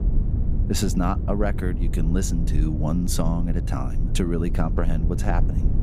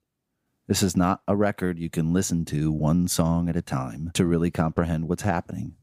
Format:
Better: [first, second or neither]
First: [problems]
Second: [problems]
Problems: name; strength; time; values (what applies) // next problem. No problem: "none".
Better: second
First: low rumble; loud; throughout; 10 dB below the speech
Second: none